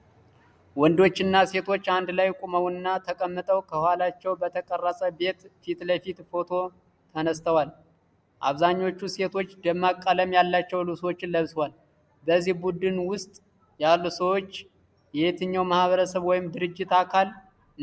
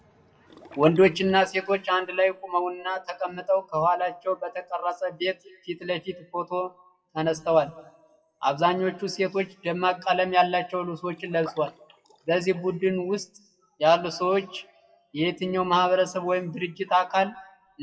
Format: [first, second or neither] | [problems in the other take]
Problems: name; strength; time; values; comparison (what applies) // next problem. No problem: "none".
first | noise reduction (classical method WPE with log-MMSE)